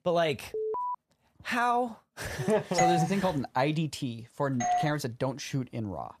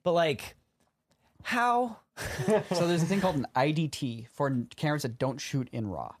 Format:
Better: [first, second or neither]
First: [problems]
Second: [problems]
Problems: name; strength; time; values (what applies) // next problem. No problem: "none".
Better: second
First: alarm; noticeable; at 0.5 s; peak 2 dB below the speech // doorbell; loud; at 3 s and at 4.5 s; peak 3 dB above the speech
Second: none